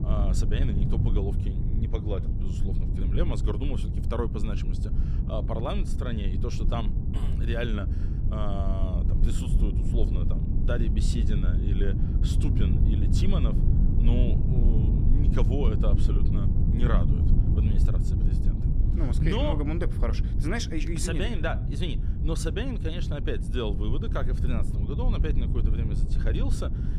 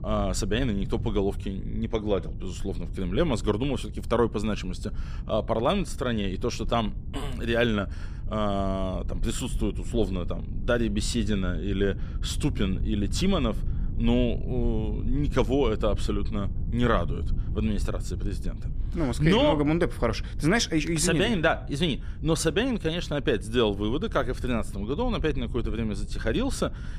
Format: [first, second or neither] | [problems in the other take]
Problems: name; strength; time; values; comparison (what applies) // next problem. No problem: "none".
second | low rumble; loud; throughout; 4 dB below the speech; faint in the second